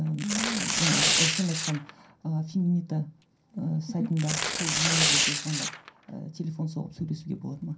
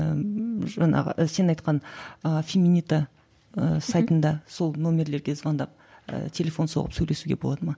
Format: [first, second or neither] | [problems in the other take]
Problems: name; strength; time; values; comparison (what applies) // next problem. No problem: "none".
second | background sound (Tearing); 1 dB above the speech // room echo; dies away in 0.3 s